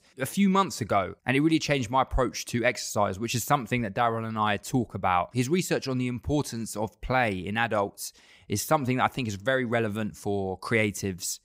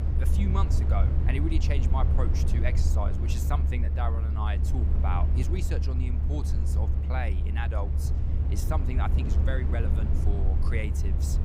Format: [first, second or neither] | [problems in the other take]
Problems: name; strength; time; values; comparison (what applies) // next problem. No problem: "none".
first | low rumble; loud; throughout; 5 dB below the speech